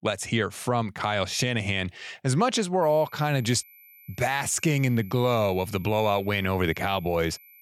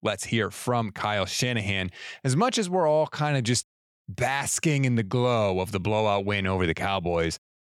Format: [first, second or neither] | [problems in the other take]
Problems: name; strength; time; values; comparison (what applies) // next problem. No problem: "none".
second | high-pitched whine; faint; from 3 s on; 12 kHz, 25 dB below the speech